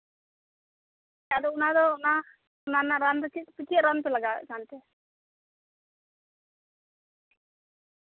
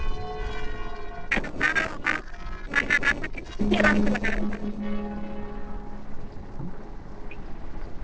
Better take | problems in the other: first | noise reduction (neural separator model SepFormer DNS4)

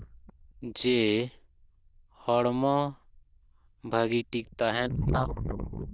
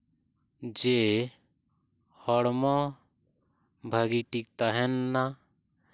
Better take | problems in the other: second | noise reduction (neural diffusion model UNIVERSE++)

